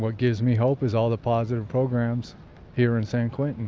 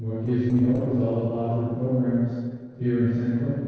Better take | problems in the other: first | noise reduction (neural separator model SepFormer DNS4)

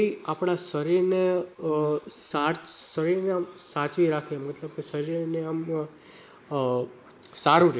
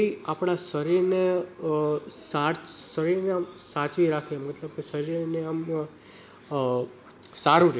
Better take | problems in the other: second | noise reduction (neural mask model Resemble Enhance denoiser)

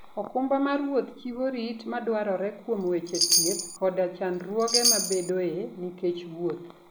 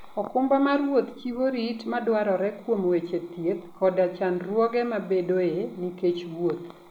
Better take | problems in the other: second | background sound (Chime); 1 dB above the speech

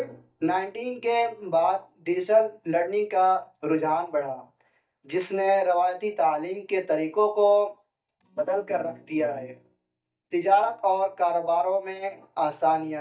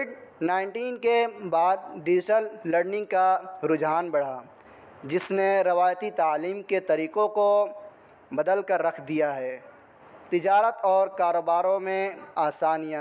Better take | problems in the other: second | noise reduction (neural mask model DeepFilterNet 3)

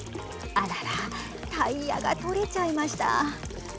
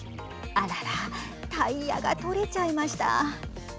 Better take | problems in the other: second | background sound (Sink (filling or washing) / Water tap, faucet); 14 dB below the speech

